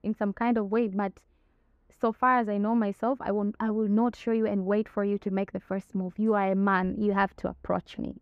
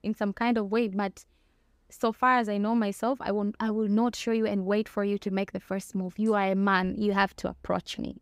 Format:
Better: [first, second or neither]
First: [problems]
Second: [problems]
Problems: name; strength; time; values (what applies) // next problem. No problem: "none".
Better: second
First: muffled; slightly; fading above 3 kHz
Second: none